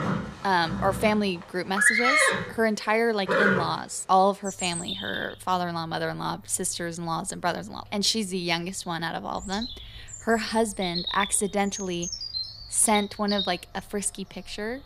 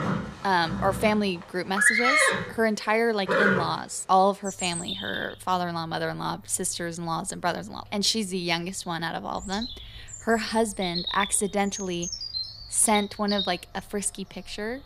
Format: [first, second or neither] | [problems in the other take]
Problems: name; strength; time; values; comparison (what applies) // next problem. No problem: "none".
neither | animal sounds; loud; throughout; 1 dB below the speech; the same in both